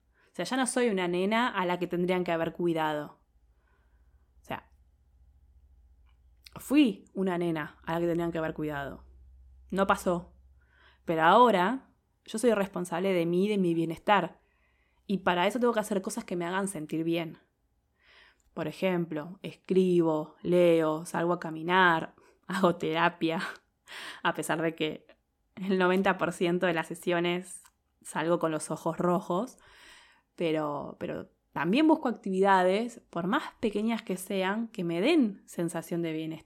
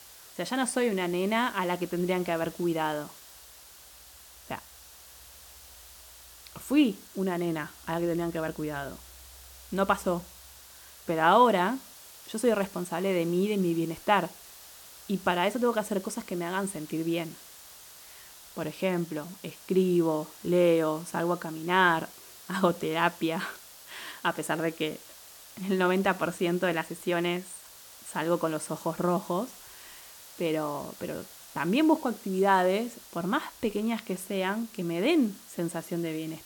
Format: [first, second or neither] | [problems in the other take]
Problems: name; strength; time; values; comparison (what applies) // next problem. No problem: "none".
first | hiss; noticeable; throughout; 20 dB below the speech